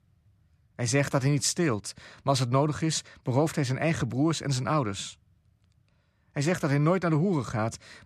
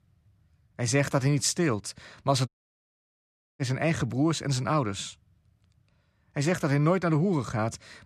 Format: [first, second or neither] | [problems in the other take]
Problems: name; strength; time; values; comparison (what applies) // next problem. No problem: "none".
first | audio cutting out; at 2.5 s for 1 s